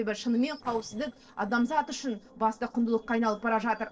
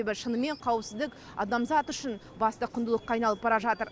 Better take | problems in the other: second | noise reduction (neural separator model SepFormer DNS4)

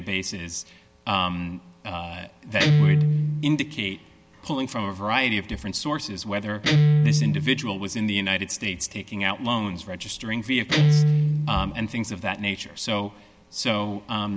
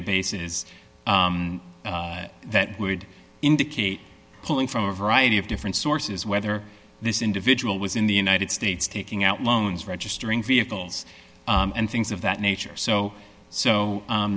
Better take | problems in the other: second | background sound (Guitar); 2 dB above the speech

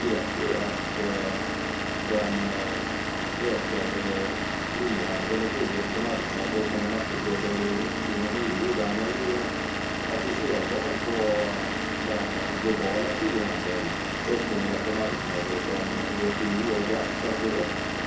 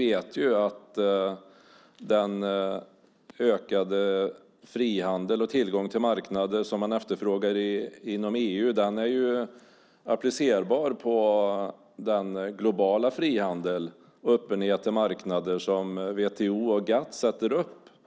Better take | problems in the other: second | background sound (Engine / Vehicle); 1 dB above the speech // room echo; dies away in 0.6 s

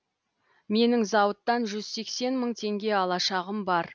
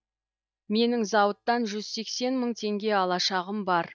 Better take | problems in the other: first | noise reduction (neural mask model DeepFilterNet 3)

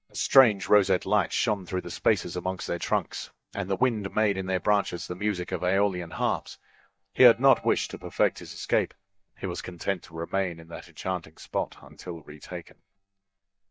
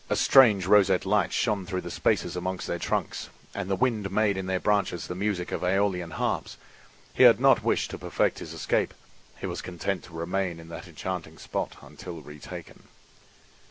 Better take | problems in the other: second | noise reduction (neural mask model DeepFilterNet 3)

